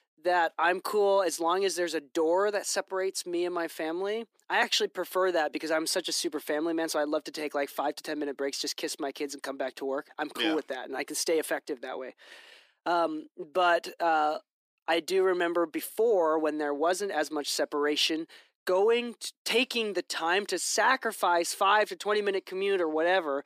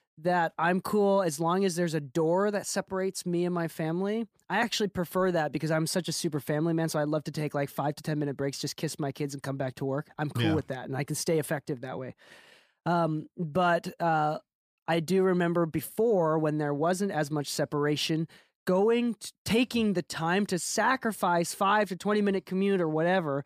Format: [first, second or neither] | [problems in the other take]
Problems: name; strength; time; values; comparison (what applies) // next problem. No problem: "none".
second | thin; somewhat; fading below 300 Hz